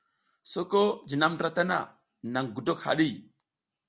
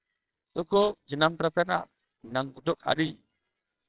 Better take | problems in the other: first | noise reduction (neural separator model SepFormer WHAMR!)

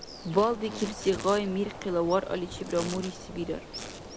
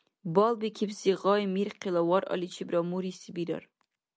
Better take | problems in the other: second | background sound (Insect); 11 dB below the speech

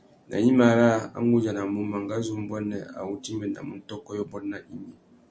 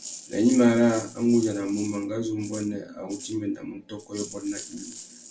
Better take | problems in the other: first | background sound (Rattle (instrument)); 16 dB below the speech // room echo; dies away in 0.2 s

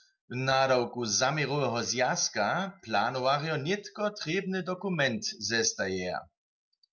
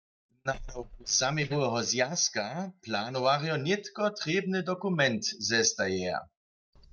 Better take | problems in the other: first | noise reduction (neural mask model DeepFilterNet 3)

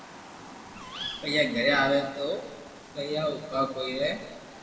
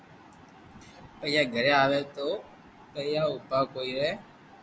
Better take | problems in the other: second | background sound (Bird vocalization, bird call, bird song); 15 dB below the speech // room echo; dies away in 1.7 s

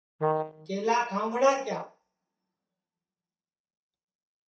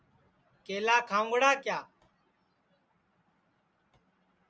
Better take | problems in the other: second | noise reduction (neural mask model DeepFilterNet 3)

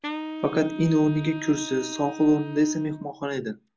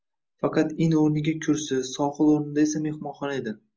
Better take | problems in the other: second | background sound (Wind instrument, woodwind instrument); 11 dB below the speech

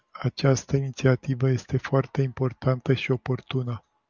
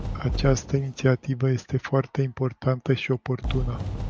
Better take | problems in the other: first | background sound (Fireworks); 8 dB below the speech

